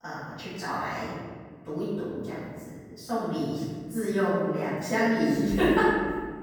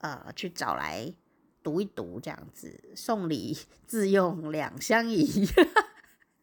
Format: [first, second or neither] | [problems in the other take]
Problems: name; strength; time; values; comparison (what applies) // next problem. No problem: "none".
second | off-mic speech; far // room echo; strong; dies away in 2 s